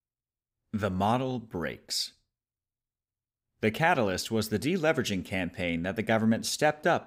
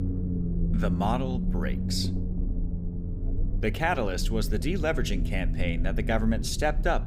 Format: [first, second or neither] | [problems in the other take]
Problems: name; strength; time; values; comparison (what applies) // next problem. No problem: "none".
first | low rumble; noticeable; throughout; 10 dB below the speech